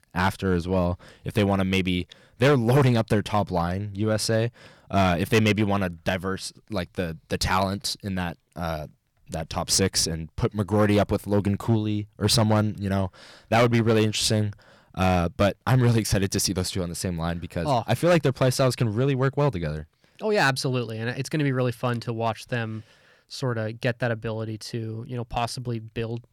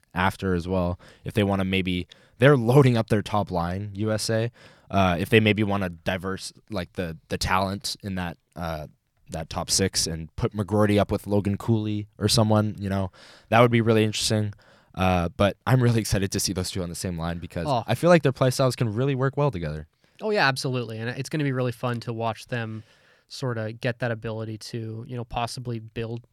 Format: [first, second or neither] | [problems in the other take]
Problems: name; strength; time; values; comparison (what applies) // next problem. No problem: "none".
second | distortion; slight; 3% of the sound clipped